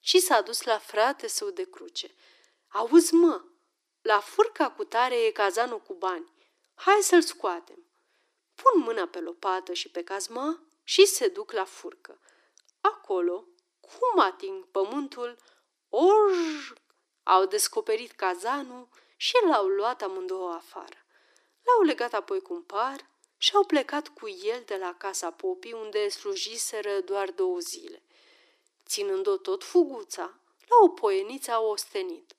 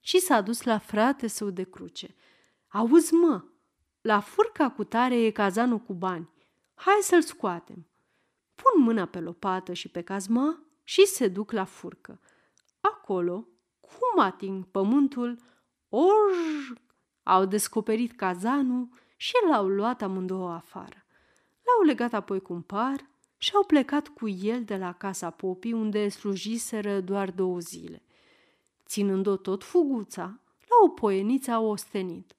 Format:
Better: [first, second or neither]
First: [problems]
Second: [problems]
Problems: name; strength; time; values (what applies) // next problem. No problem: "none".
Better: second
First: thin; very; fading below 350 Hz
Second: none